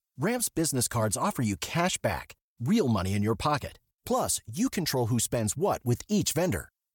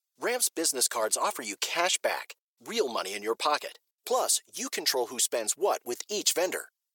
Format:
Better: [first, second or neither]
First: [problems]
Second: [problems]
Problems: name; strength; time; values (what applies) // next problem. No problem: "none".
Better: first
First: none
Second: thin; very; fading below 400 Hz